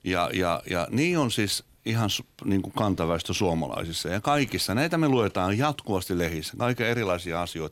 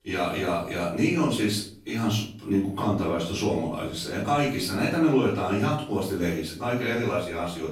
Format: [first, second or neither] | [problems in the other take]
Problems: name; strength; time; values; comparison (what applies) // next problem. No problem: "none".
first | off-mic speech; far // room echo; noticeable; dies away in 0.4 s